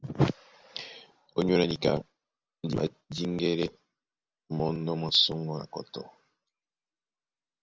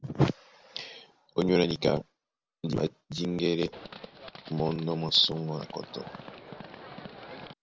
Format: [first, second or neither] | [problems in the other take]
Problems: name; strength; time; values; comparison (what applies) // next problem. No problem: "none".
first | background sound (Livestock, farm animals, working animals); 15 dB below the speech